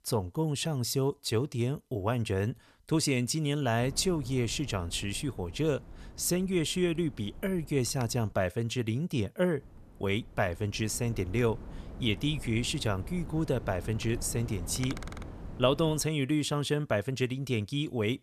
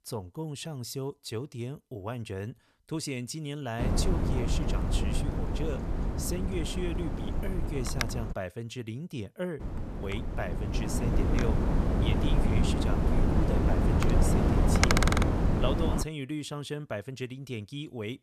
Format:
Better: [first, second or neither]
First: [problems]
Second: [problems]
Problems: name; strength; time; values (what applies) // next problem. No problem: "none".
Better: first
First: wind noise on the microphone; occasional gusts; from 4 to 8.5 s and from 9.5 to 16 s; 20 dB below the speech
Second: wind noise on the microphone; heavy; from 4 to 8.5 s and from 9.5 to 16 s; 4 dB above the speech